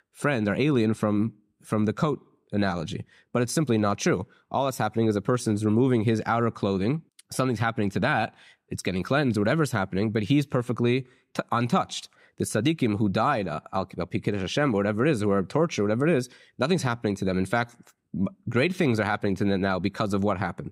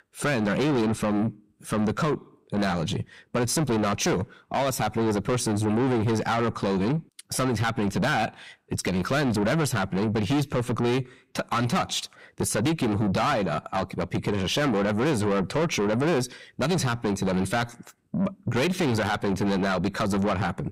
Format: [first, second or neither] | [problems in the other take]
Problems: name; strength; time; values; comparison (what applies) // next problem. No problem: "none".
first | distortion; heavy; 6 dB below the speech